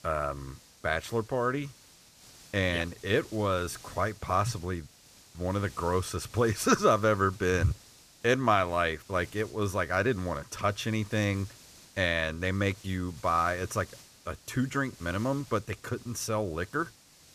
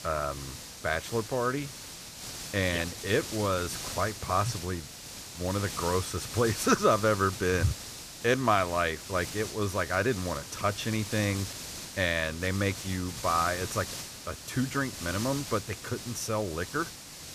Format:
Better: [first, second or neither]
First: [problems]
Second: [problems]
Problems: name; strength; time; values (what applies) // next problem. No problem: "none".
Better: first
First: hiss; faint; throughout; 20 dB below the speech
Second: hiss; loud; throughout; 9 dB below the speech